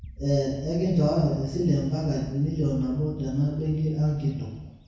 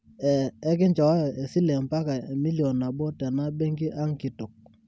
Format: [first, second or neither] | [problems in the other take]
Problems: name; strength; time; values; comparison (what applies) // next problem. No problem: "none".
second | background sound (Bird); 16 dB below the speech // room echo; dies away in 1 s